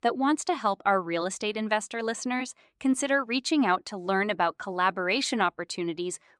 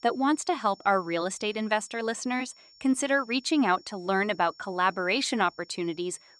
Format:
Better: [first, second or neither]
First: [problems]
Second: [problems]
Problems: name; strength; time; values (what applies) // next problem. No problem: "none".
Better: first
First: none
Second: high-pitched whine; faint; throughout; 5.5 kHz, 25 dB below the speech